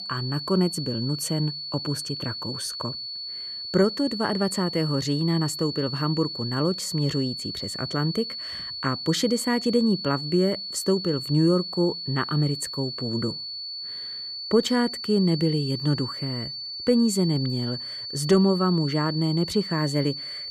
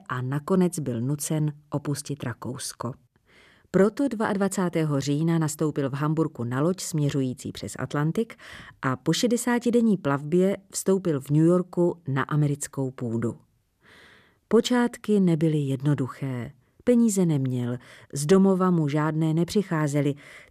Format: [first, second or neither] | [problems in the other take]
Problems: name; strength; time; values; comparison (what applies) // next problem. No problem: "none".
second | high-pitched whine; loud; throughout; 4.5 kHz, 6 dB below the speech